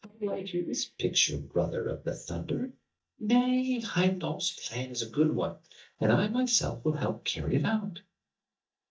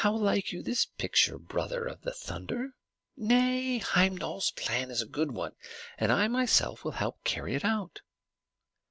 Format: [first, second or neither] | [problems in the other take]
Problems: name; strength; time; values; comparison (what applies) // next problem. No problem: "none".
second | noise reduction (neural mask model DeepFilterNet 3)